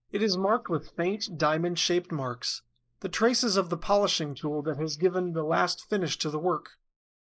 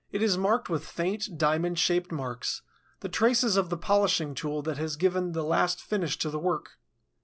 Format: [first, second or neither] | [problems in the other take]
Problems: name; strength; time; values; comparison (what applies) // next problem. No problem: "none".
second | noise reduction (neural mask model Resemble Enhance denoiser)